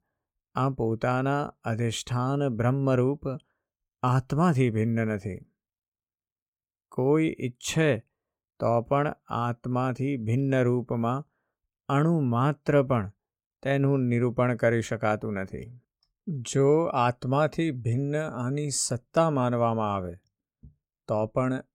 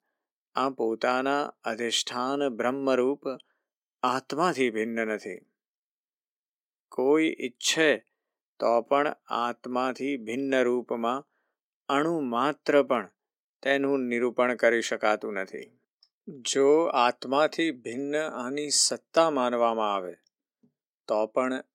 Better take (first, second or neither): first